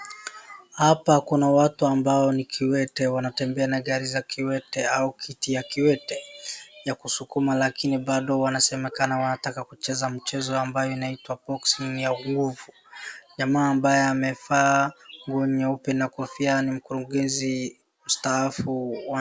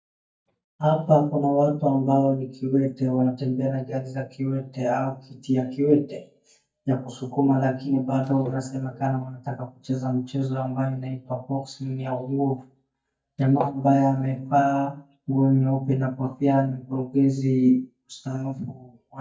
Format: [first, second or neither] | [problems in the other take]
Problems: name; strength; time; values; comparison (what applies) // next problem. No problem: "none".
first | noise reduction (neural mask model DeepFilterNet 3)